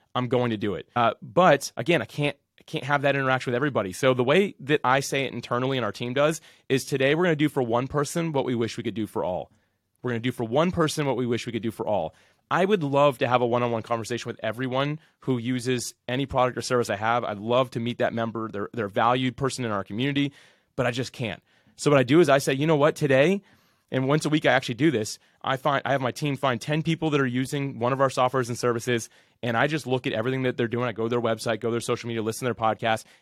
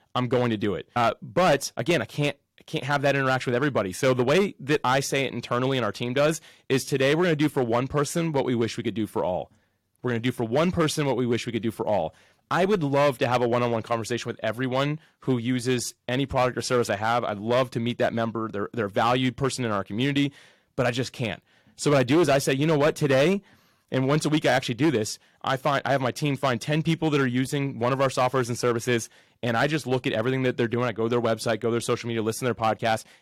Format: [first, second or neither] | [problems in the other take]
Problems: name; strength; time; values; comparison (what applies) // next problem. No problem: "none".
first | distortion; slight; 5% of the sound clipped